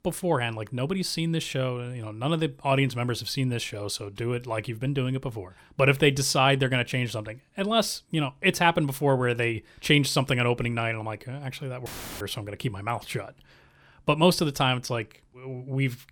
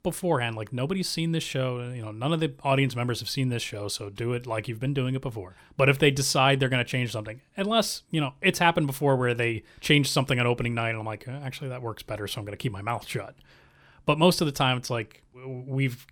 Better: second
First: audio cutting out; filled with static; at 12 s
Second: none

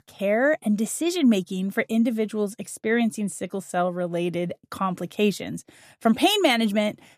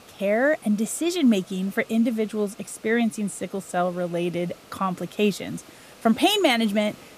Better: first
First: none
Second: hiss; faint; throughout; 25 dB below the speech

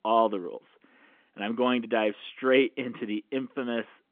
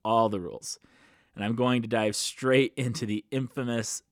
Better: second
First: phone-call audio; nothing above 3.5 kHz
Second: none

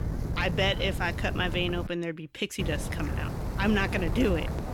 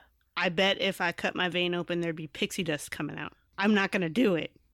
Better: second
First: wind noise on the microphone; occasional gusts; until 2 s and from 2.5 s on; 10 dB below the speech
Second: none

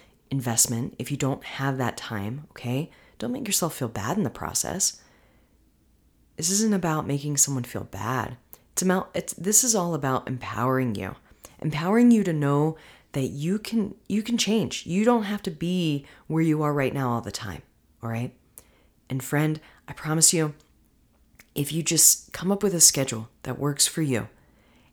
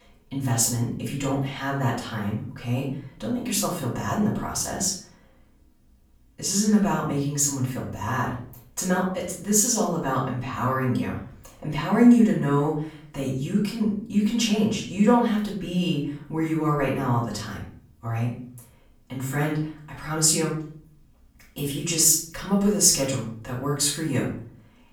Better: first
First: none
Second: off-mic speech; far // room echo; noticeable; dies away in 0.5 s

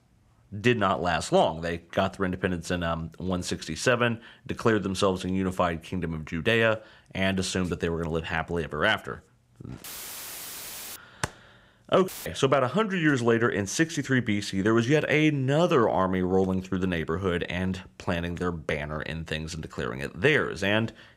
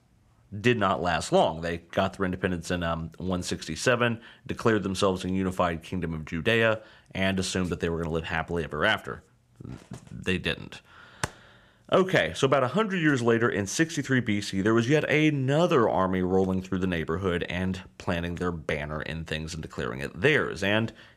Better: second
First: audio cutting out; filled with static; at 10 s for 1 s and at 12 s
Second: none

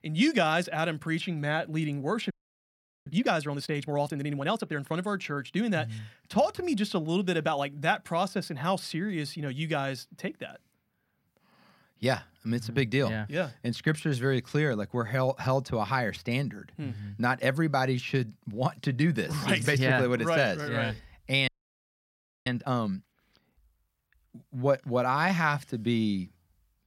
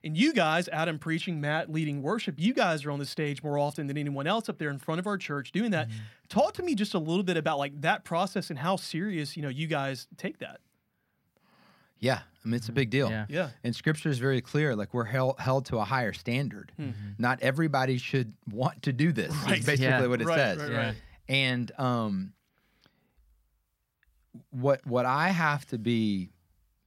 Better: second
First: audio freezing; at 2.5 s for 1 s and at 21 s for 1 s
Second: none

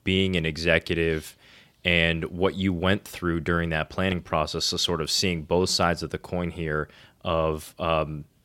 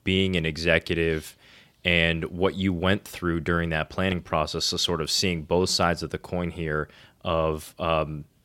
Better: neither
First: none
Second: none

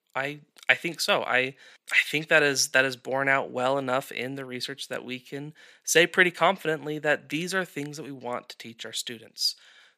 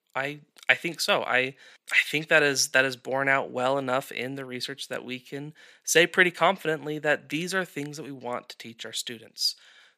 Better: neither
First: thin; somewhat; fading below 650 Hz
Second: thin; somewhat; fading below 650 Hz

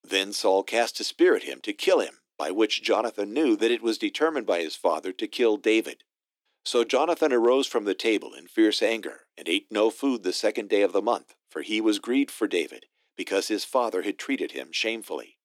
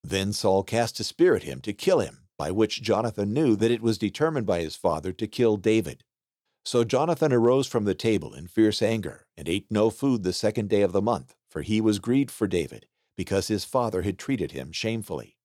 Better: second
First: thin; very slightly; fading below 300 Hz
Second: none

